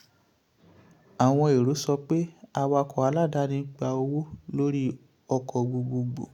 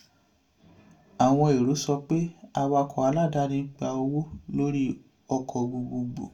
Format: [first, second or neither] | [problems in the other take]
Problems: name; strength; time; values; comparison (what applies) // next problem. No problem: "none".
first | room echo; dies away in 0.2 s